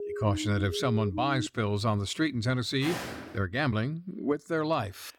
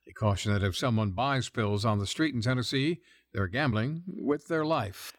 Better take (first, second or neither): second